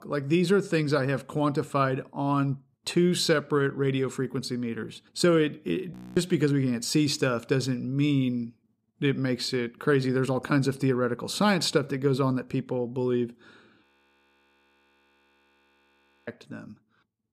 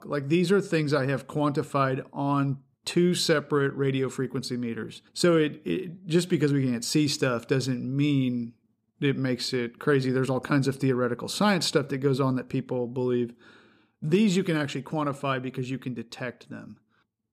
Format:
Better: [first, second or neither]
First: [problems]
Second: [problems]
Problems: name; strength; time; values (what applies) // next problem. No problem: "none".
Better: second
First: audio freezing; at 6 s and at 14 s for 2.5 s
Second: none